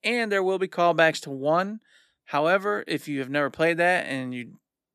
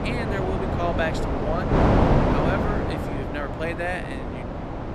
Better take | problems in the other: first | wind noise on the microphone; heavy; 3 dB above the speech

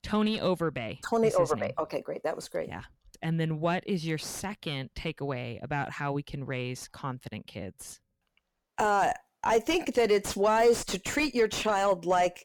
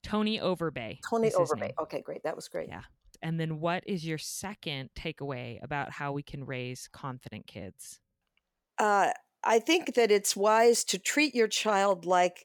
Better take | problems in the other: second | distortion; slight; 10 dB below the speech

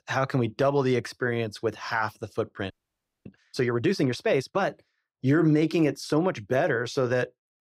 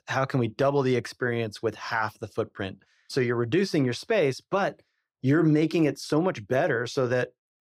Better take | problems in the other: second | audio freezing; at 2.5 s for 0.5 s

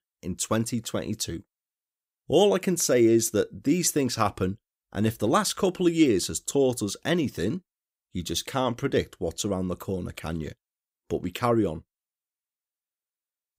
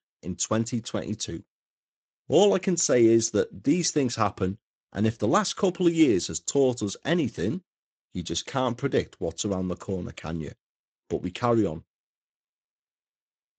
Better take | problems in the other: first | garbled, watery; slightly; nothing above 7.5 kHz

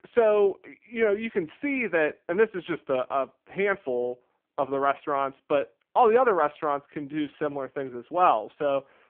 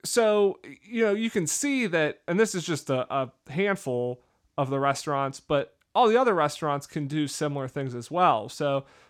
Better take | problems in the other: second | phone-call audio; poor line; nothing above 3.5 kHz

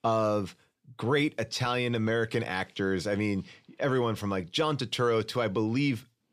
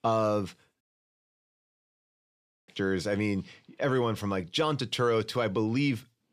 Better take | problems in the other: first | audio cutting out; at 1 s for 2 s

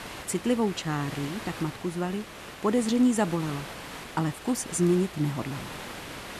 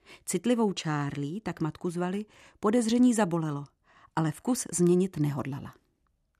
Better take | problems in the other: second | hiss; noticeable; throughout; 10 dB below the speech

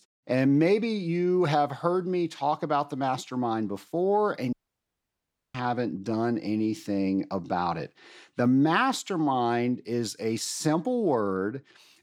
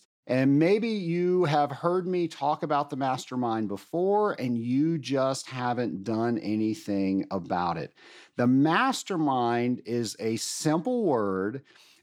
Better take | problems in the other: second | audio cutting out; at 4.5 s for 1 s

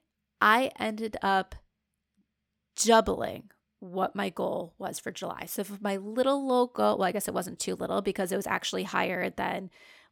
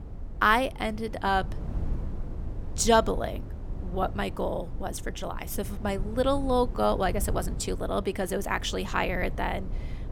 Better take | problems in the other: first | wind noise on the microphone; occasional gusts; 20 dB below the speech

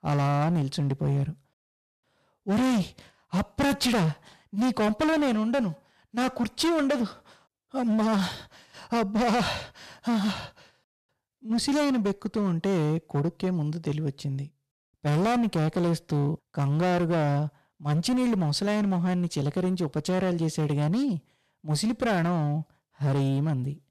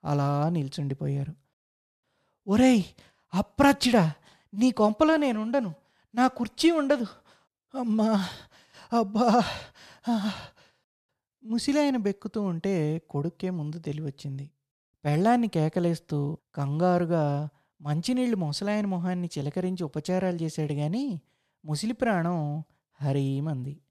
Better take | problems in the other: second | distortion; heavy; 17% of the sound clipped

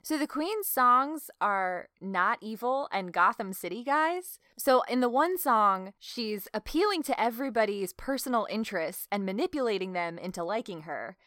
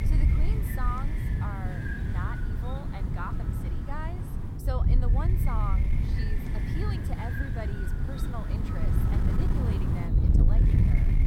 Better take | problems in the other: first | wind noise on the microphone; heavy; 1 dB above the speech

